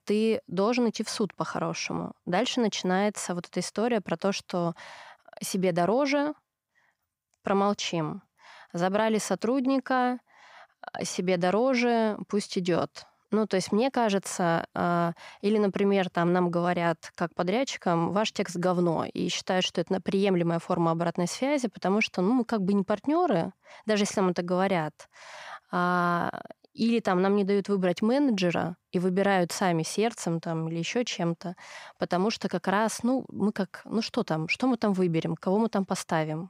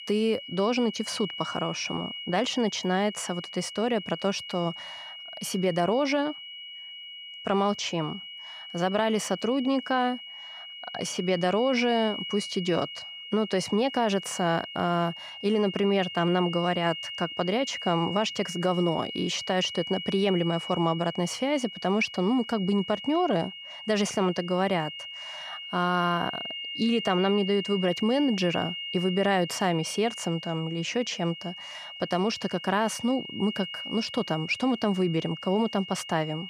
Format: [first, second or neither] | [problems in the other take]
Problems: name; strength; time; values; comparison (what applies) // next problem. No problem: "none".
first | high-pitched whine; loud; throughout; 3 kHz, 9 dB below the speech